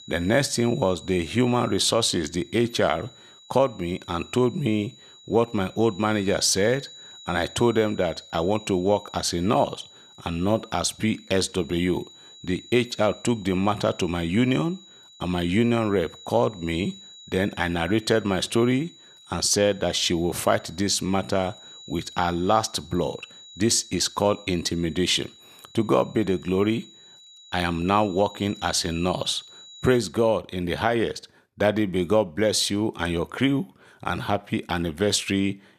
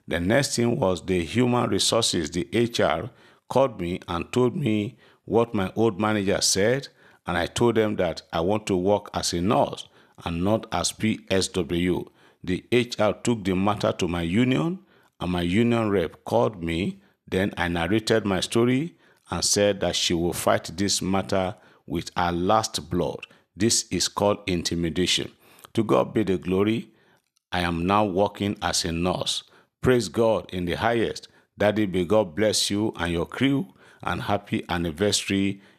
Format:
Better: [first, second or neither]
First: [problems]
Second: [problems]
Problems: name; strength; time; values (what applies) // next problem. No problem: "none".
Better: second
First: high-pitched whine; faint; until 30 s; 4 kHz, 20 dB below the speech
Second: none